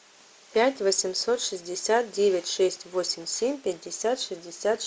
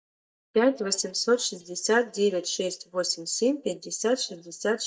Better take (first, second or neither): first